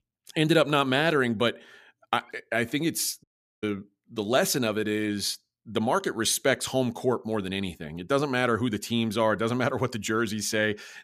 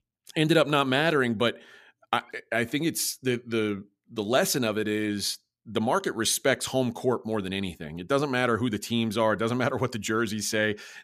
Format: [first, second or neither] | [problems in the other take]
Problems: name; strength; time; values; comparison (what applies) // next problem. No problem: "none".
second | audio cutting out; at 3 s